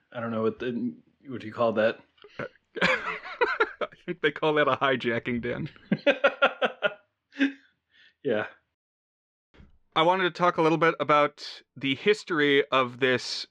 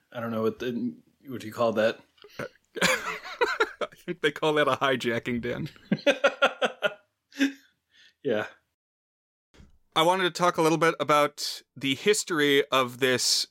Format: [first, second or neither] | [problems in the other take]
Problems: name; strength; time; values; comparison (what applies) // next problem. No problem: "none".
second | muffled; slightly; fading above 2.5 kHz